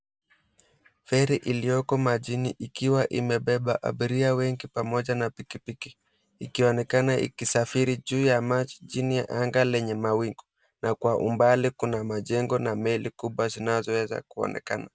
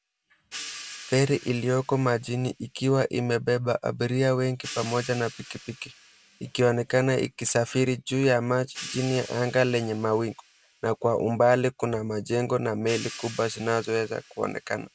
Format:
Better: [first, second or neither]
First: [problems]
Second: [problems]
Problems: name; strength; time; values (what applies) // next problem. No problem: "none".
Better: first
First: none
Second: background sound (Hi-hat); 19 dB below the speech